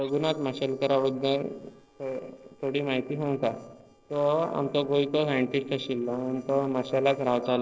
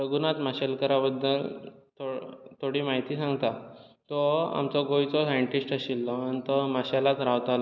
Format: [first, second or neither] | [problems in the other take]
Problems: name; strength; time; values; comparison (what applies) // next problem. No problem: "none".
second | noise reduction (neural separator model SepFormer DNS4)